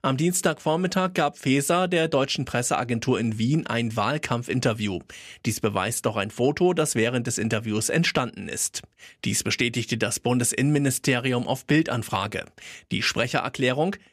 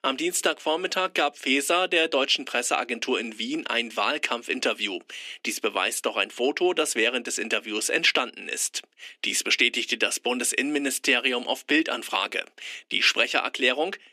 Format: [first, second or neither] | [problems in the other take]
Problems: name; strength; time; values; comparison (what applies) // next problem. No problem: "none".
first | thin; somewhat; fading below 250 Hz